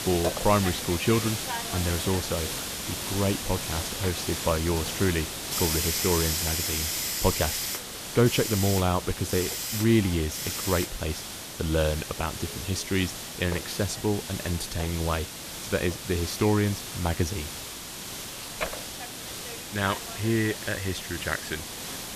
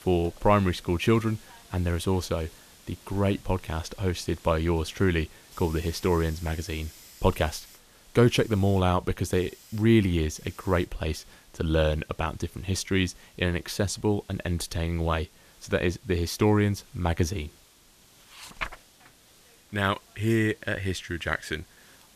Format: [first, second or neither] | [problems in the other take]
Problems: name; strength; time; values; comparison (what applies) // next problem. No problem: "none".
second | hiss; loud; throughout; 3 dB below the speech; faint in the second